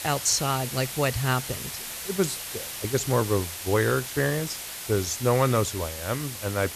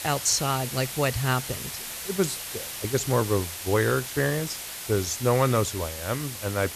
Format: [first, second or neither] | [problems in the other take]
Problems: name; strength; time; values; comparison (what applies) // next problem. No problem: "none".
neither | hiss; loud; throughout; 7 dB below the speech; the same in both